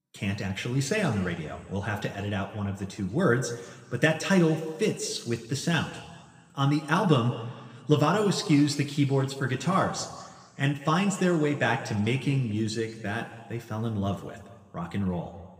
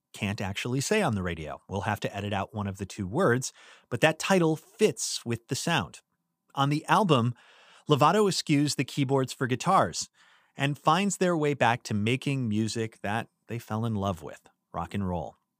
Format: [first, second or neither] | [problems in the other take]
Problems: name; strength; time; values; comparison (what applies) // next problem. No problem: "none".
second | room echo; slight; dies away in 1.5 s